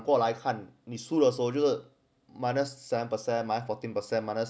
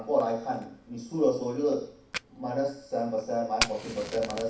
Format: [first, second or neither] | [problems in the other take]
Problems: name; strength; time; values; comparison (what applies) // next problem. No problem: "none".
first | background sound (Fire); 10 dB below the speech // room echo; dies away in 0.6 s